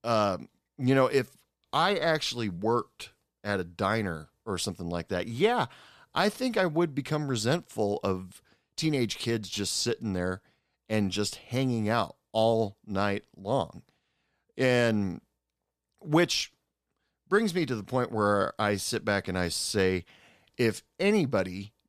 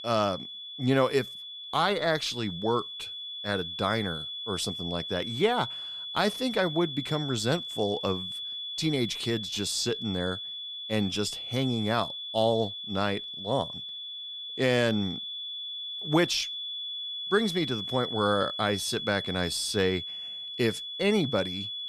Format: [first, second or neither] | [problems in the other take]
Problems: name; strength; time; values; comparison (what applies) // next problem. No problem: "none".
first | high-pitched whine; loud; throughout; 3.5 kHz, 6 dB below the speech